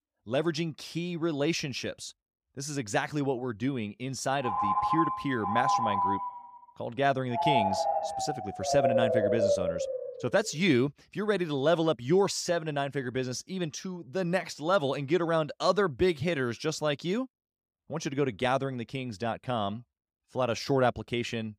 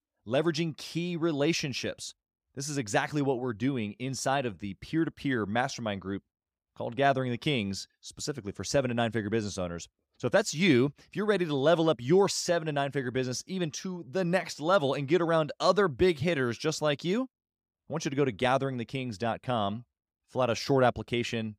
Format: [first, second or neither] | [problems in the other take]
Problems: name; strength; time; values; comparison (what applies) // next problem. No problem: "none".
second | phone ringing; loud; from 4.5 to 10 s; peak 4 dB above the speech